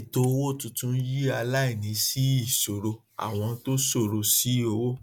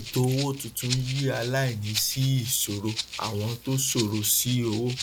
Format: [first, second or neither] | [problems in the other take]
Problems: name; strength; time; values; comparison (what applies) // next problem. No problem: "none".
first | background sound (Rattle (instrument)); 11 dB below the speech